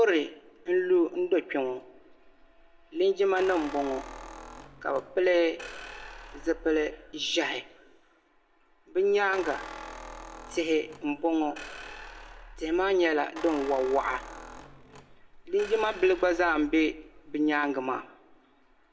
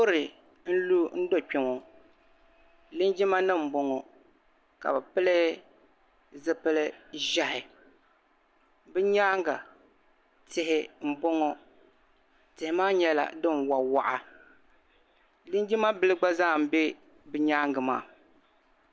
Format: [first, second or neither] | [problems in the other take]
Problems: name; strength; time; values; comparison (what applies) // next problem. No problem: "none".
second | background sound (Squeak); 15 dB below the speech // room echo; dies away in 0.6 s